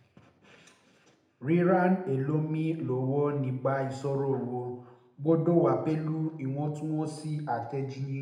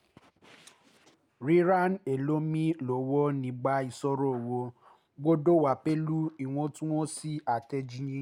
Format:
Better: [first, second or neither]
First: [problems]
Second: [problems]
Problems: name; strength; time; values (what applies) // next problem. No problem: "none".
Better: second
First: room echo; dies away in 0.8 s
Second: none